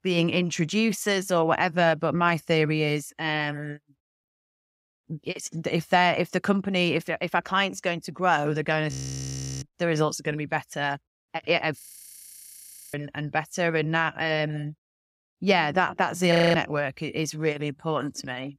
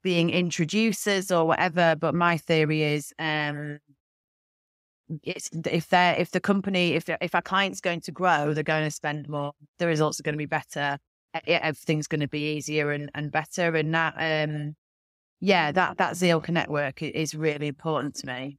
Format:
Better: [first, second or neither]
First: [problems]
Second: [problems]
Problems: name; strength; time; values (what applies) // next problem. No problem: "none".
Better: second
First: audio freezing; at 9 s for 0.5 s, at 12 s for 1 s and at 16 s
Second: none